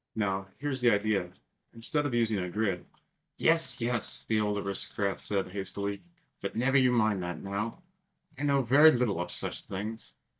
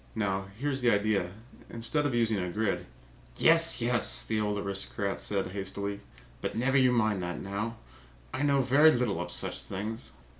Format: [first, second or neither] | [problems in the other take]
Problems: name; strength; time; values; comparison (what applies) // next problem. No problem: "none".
second | noise reduction (neural mask model DeepFilterNet 3)